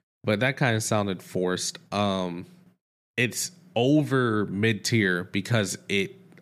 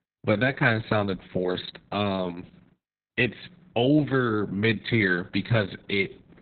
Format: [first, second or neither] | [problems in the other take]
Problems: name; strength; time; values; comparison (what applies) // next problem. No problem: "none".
first | garbled, watery; badly; nothing above 4 kHz